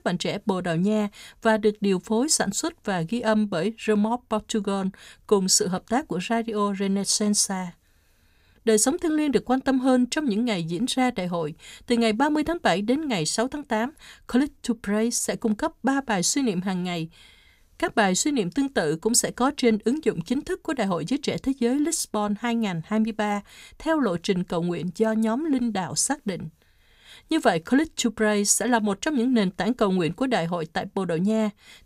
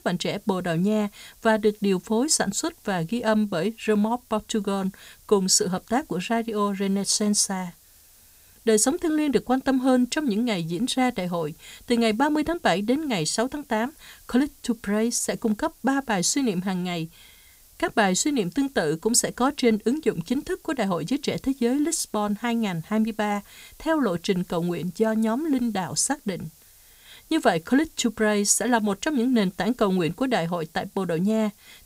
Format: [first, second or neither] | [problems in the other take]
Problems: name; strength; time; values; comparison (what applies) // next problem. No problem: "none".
first | hiss; faint; throughout; 25 dB below the speech